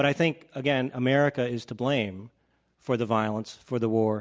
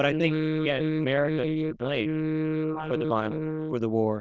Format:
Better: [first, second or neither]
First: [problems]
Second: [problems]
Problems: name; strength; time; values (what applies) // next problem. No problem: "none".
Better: first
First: none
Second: noise reduction (neural diffusion model UNIVERSE++)